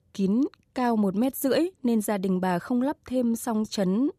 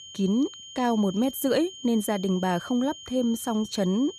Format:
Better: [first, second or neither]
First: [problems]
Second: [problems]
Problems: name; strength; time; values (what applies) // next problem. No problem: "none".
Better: first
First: none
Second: high-pitched whine; noticeable; throughout; 3 kHz, 15 dB below the speech